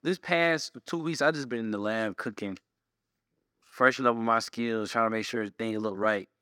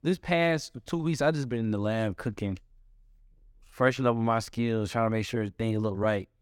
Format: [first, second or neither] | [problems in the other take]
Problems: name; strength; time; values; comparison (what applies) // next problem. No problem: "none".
second | thin; very slightly; fading below 250 Hz